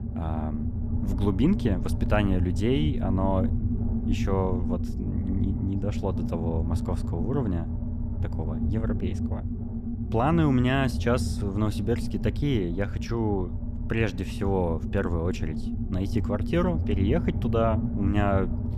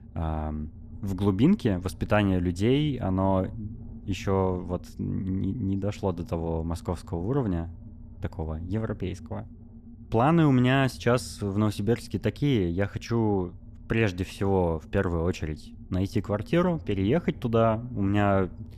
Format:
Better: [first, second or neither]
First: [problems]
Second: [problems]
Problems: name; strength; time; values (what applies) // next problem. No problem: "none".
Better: second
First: low rumble; loud; throughout; 9 dB below the speech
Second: low rumble; faint; throughout; 25 dB below the speech